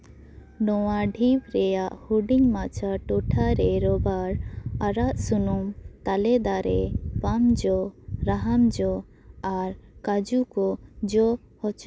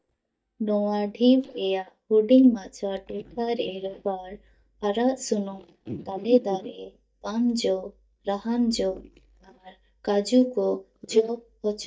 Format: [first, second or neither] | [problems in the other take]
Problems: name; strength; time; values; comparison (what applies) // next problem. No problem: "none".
first | noise reduction (neural mask model DeepFilterNet 3)